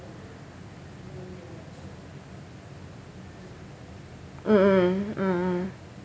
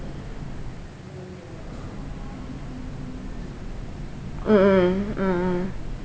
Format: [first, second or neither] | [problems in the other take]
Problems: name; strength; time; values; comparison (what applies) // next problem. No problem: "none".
first | background sound (Train / Breathing); 7 dB below the speech